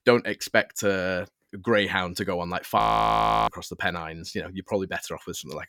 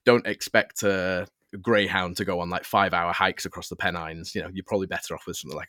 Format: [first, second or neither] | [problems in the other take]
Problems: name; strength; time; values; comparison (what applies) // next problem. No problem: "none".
second | audio freezing; at 3 s for 0.5 s